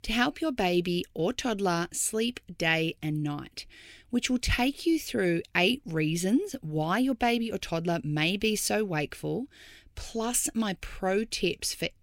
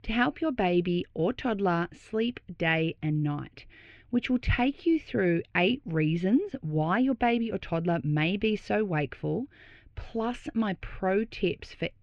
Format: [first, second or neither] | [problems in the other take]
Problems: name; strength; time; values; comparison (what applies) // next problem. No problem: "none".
first | muffled; very; fading above 2.5 kHz